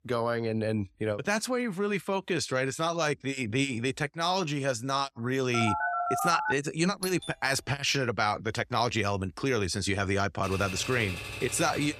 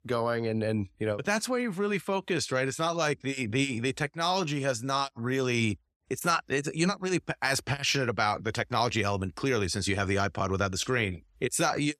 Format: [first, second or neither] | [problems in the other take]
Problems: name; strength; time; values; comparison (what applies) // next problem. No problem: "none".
second | phone ringing; noticeable; at 5.5 s; peak level with the speech // doorbell; noticeable; at 7 s; peak 9 dB below the speech // keyboard typing; noticeable; from 10 s on; peak 7 dB below the speech